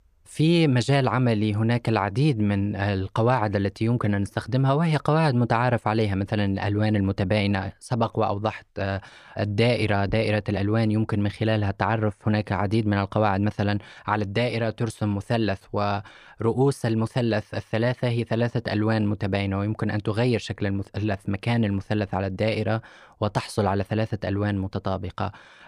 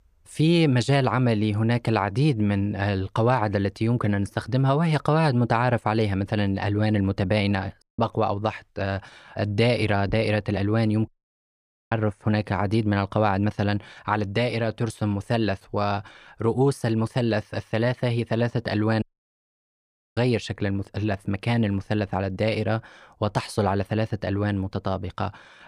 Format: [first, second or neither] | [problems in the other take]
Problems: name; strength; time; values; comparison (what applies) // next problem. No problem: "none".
first | audio cutting out; at 8 s, at 11 s for 1 s and at 19 s for 1 s